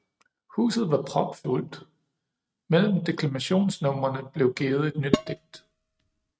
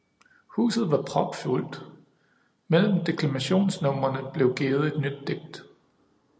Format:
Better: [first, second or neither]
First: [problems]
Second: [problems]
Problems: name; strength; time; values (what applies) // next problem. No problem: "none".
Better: second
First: noise reduction (neural mask model RNNoise)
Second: none